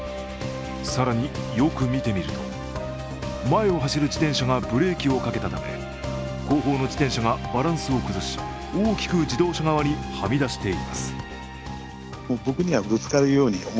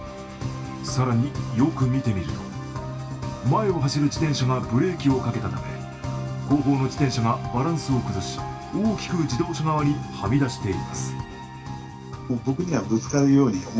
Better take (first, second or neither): first